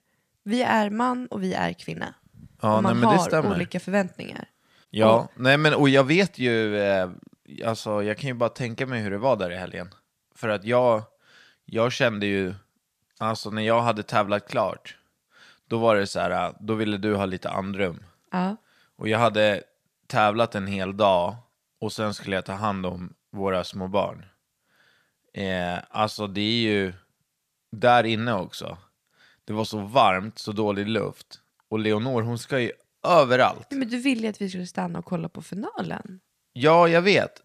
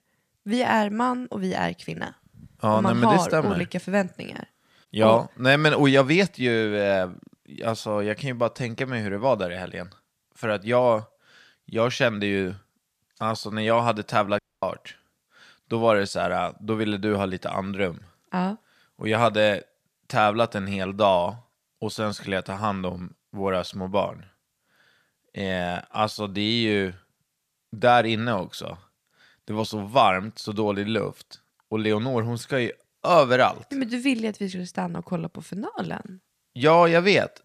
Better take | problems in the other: first | audio cutting out; at 14 s

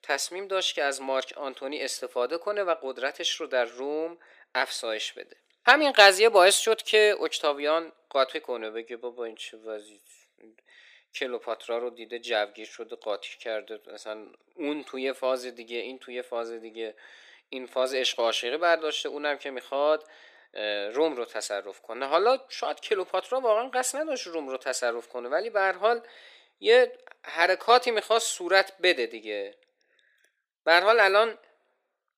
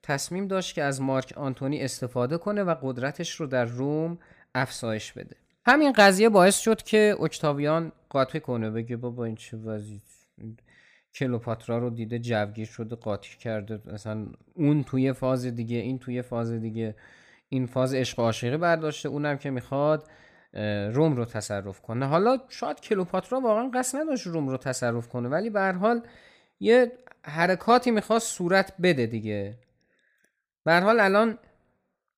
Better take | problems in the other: second | thin; very; fading below 350 Hz

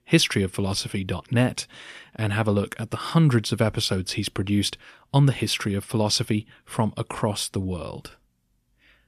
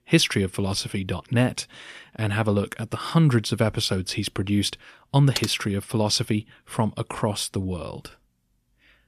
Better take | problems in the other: first | keyboard typing; noticeable; at 5.5 s; peak 6 dB below the speech

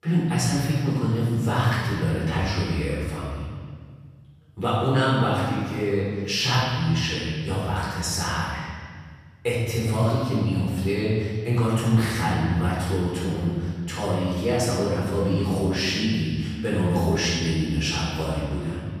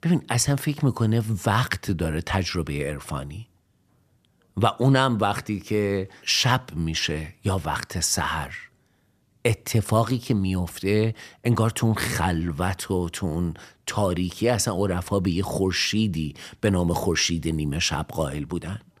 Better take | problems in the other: second | off-mic speech; far // room echo; strong; dies away in 1.9 s

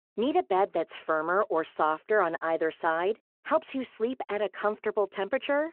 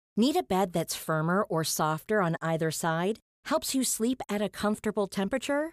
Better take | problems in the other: second | phone-call audio

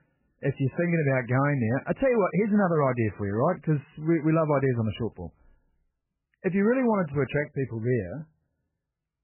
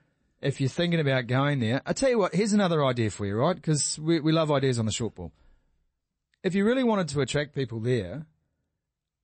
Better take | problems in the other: second | garbled, watery; badly; nothing above 3 kHz; slightly in the second

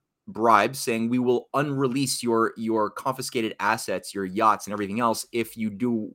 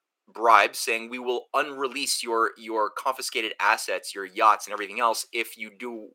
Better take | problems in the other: first | thin; very; fading below 450 Hz

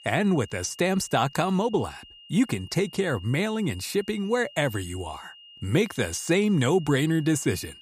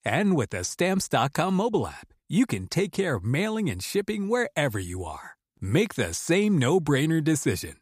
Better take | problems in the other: second | high-pitched whine; faint; throughout; 3 kHz, 20 dB below the speech

